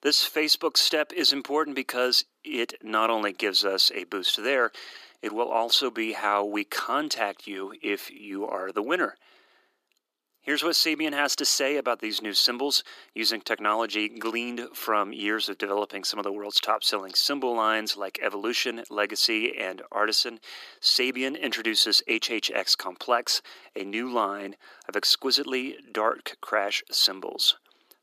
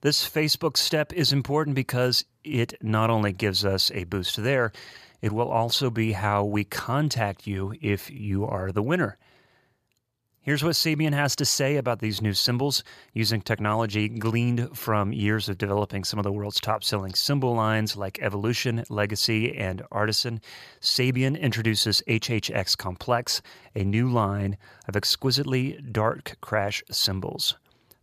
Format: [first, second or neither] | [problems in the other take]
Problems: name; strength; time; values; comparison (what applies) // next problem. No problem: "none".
second | thin; somewhat; fading below 250 Hz